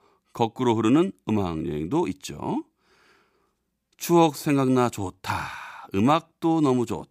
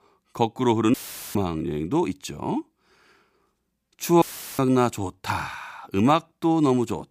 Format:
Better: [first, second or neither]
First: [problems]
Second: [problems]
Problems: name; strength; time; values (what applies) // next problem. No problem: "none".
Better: first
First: none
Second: audio cutting out; filled with static; at 1 s and at 4 s